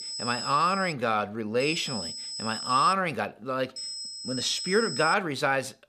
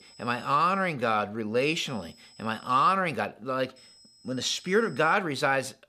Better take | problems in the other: second | high-pitched whine; loud; at the start, from 1.5 to 3 s and from 4 to 5 s; 5 kHz, 7 dB below the speech; faint in the second

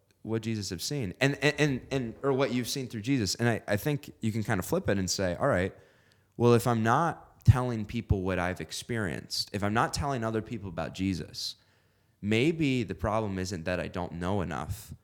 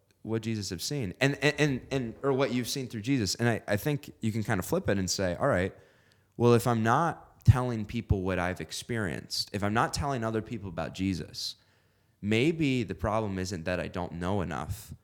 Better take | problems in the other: neither | none

